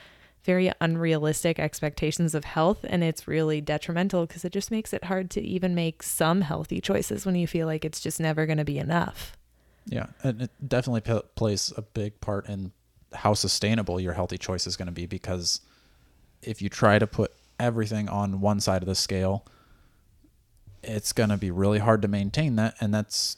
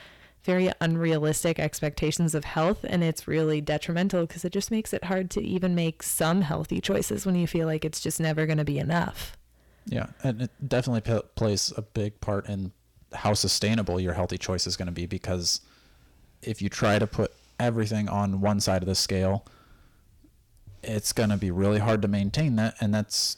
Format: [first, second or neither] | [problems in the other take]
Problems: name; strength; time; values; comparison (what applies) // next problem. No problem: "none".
first | distortion; slight; 10 dB below the speech